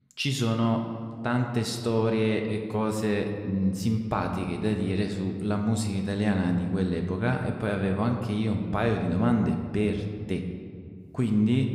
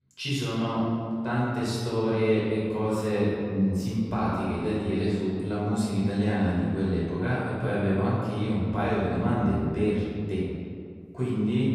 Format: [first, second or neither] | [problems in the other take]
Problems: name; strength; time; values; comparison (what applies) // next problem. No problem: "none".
first | room echo; strong; dies away in 2 s; slight in the first // off-mic speech; far